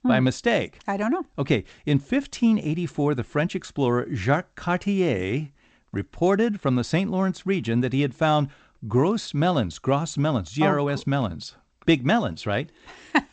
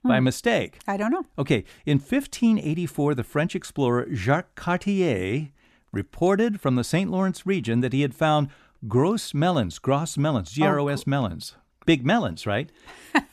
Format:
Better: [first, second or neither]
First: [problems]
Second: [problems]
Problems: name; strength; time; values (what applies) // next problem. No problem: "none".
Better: second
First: garbled, watery; slightly; nothing above 8 kHz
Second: none